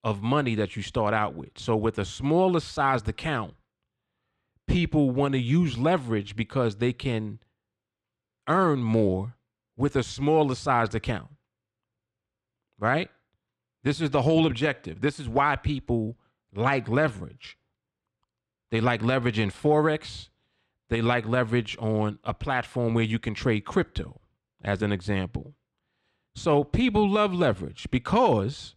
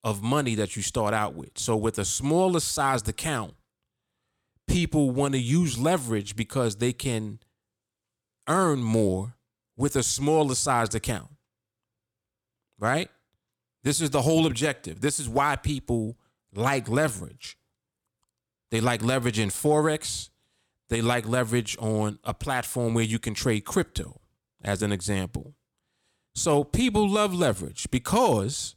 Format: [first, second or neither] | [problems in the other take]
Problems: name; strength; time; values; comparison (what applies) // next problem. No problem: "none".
second | muffled; slightly; fading above 2.5 kHz